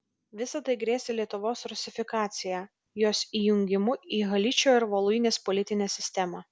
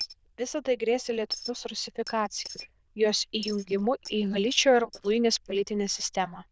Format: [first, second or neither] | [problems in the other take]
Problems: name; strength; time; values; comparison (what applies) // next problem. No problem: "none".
first | noise reduction (neural diffusion model UNIVERSE++)